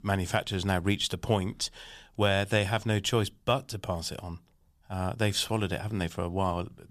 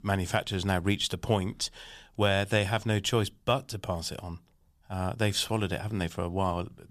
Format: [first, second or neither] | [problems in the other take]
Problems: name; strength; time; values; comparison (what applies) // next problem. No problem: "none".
neither | none